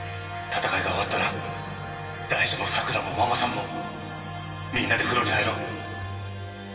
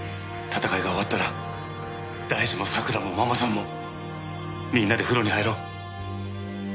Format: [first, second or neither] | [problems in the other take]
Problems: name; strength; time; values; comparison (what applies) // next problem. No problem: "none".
second | room echo; dies away in 2.5 s